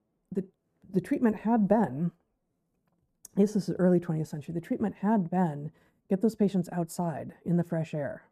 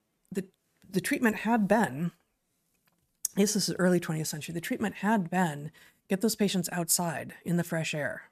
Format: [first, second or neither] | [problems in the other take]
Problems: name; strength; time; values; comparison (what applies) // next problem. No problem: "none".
second | muffled; very; fading above 1.5 kHz